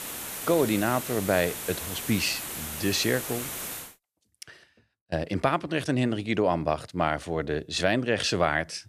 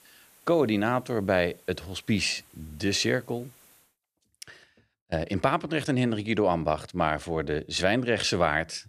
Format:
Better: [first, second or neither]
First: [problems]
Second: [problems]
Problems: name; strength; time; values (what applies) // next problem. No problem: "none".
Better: second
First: hiss; loud; until 4 s; 6 dB below the speech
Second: hiss; faint; until 4 s; 30 dB below the speech